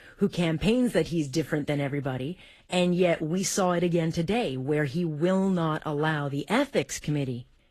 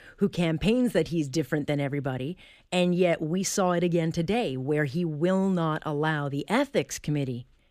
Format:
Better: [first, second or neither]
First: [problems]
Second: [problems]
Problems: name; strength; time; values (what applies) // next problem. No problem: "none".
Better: second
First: garbled, watery; slightly; nothing above 13 kHz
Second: none